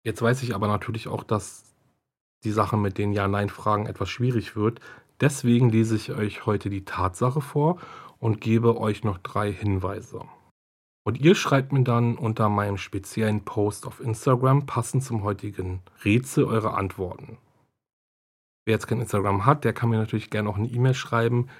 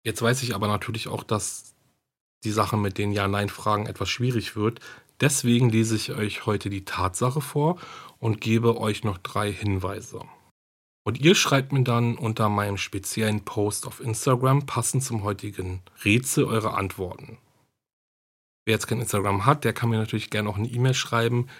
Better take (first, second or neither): second